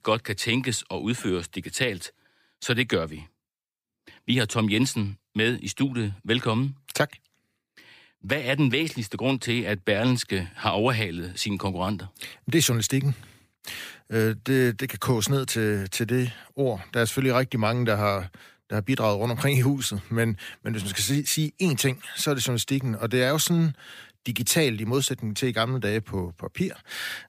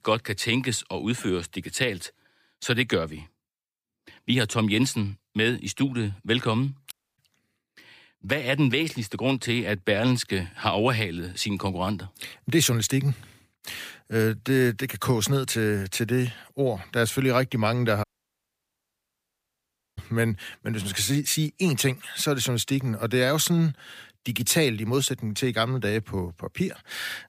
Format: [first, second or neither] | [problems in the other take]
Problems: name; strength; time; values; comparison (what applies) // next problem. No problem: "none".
first | audio cutting out; at 7 s and at 18 s for 2 s